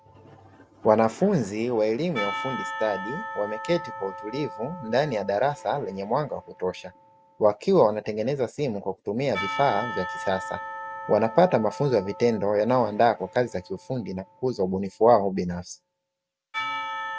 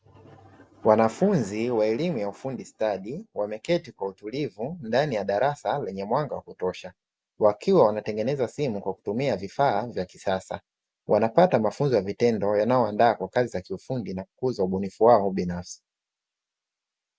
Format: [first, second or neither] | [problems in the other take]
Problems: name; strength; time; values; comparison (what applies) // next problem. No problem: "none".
second | background sound (Church bell / Percussion); 12 dB below the speech